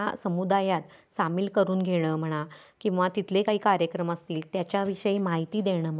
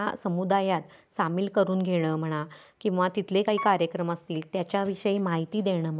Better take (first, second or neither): first